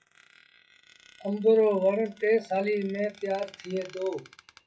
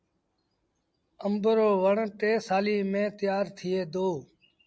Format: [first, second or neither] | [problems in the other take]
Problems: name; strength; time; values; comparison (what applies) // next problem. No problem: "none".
second | noise reduction (classical method WPE with log-MMSE)